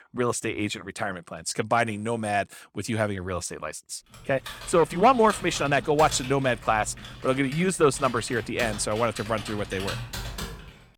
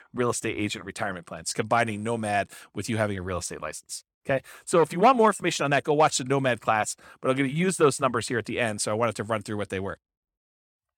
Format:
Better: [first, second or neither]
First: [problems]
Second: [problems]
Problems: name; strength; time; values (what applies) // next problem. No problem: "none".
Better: second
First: keyboard typing; noticeable; from 4 s on; peak 7 dB below the speech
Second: none